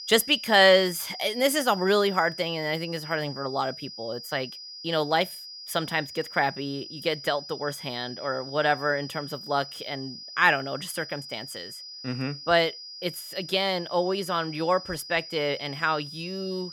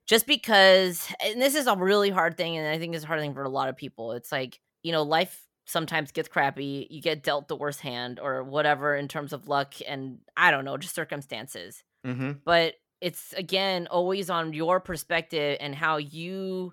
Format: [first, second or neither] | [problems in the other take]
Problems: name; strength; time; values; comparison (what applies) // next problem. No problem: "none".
second | high-pitched whine; noticeable; throughout; 5 kHz, 10 dB below the speech